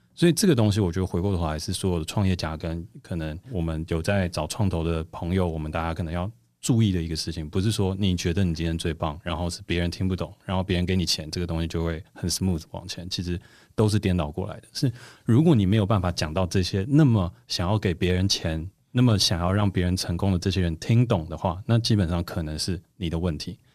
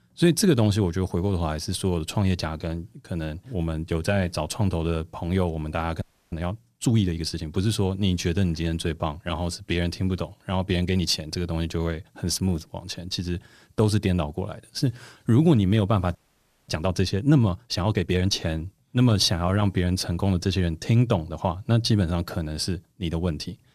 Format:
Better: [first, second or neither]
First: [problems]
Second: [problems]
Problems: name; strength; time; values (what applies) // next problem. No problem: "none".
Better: first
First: none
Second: audio freezing; at 6 s and at 16 s for 0.5 s